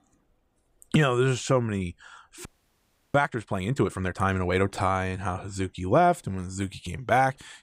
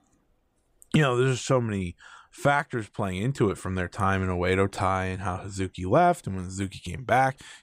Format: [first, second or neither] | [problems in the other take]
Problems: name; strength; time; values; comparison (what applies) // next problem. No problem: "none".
second | audio freezing; at 2.5 s for 0.5 s